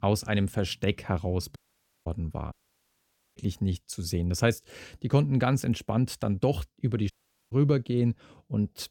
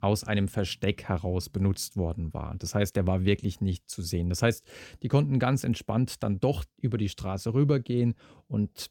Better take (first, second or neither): second